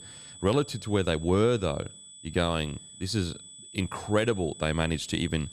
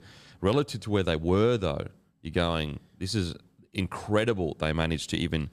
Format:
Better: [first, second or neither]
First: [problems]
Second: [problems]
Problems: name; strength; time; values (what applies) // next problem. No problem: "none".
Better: second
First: high-pitched whine; noticeable; throughout; 8 kHz, 15 dB below the speech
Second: none